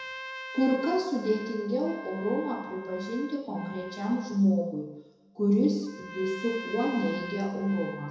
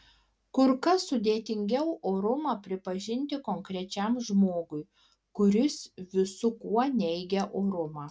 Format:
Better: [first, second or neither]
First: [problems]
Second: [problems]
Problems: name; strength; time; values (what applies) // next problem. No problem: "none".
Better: second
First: background sound (Trumpet); 14 dB below the speech // room echo; dies away in 1 s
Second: none